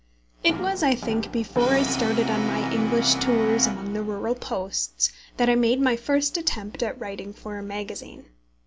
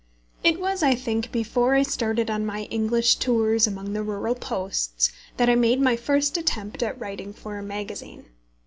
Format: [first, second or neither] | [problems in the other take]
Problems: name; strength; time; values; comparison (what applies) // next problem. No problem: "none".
second | background sound (Brass instrument); 8 dB below the speech